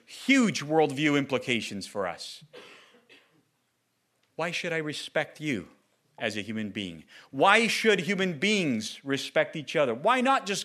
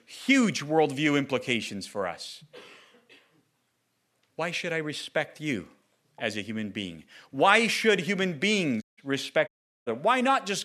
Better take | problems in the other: first | audio cutting out; at 9 s and at 9.5 s

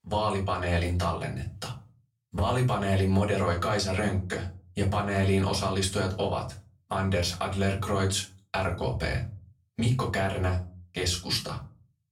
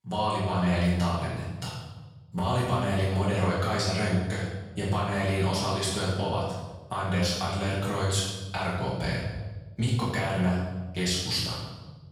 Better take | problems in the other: first | room echo; strong; dies away in 1.1 s; slight in the first // off-mic speech; far; far in the first

